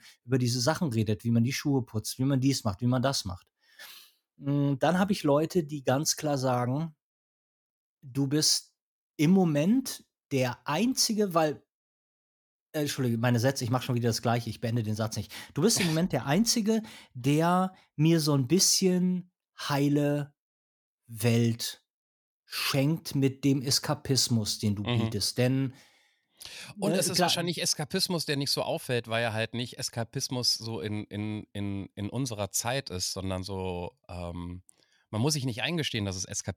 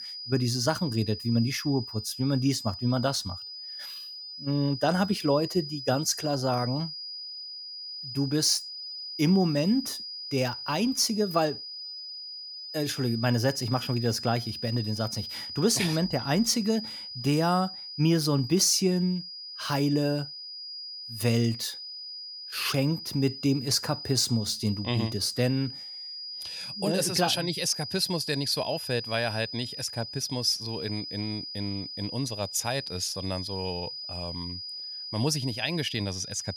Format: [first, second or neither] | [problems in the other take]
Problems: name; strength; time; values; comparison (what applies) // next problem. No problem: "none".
first | high-pitched whine; loud; throughout; 5 kHz, 8 dB below the speech